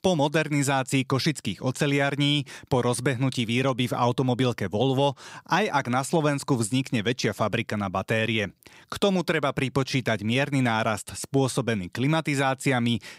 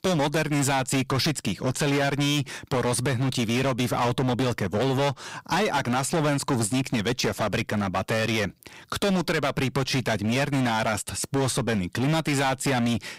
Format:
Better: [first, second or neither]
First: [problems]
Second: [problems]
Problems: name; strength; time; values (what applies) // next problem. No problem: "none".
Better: first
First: none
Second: distortion; heavy; 22% of the sound clipped